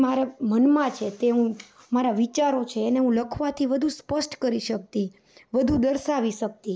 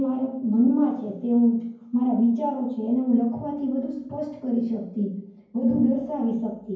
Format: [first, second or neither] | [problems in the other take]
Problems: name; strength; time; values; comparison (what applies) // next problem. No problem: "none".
first | room echo; dies away in 0.9 s